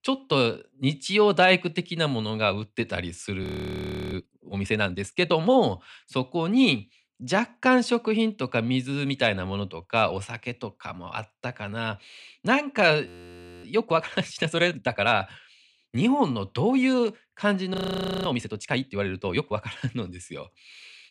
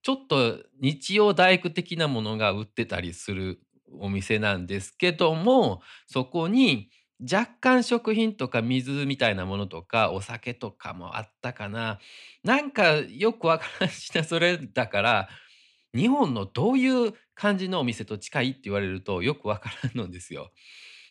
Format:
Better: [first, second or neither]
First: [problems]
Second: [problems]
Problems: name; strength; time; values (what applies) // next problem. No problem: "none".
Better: second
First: audio freezing; at 3.5 s for 0.5 s, at 13 s for 0.5 s and at 18 s for 0.5 s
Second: none